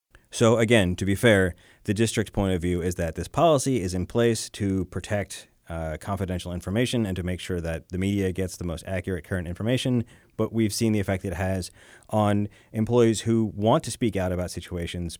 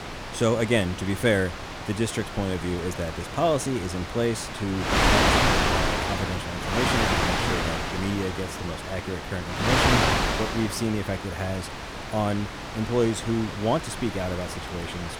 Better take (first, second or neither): first